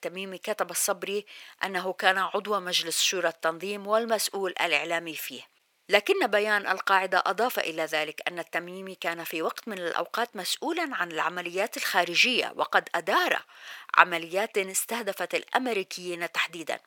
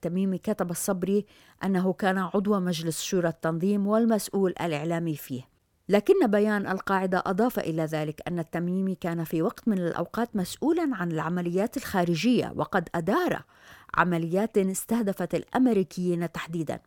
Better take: second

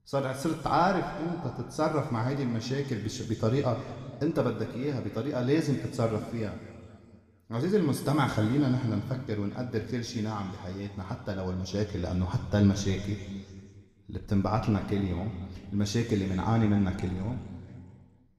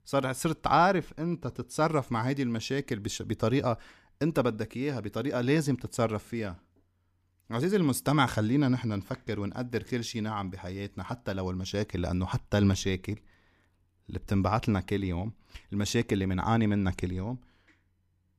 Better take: second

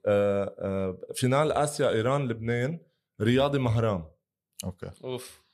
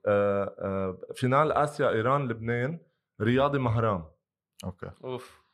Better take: first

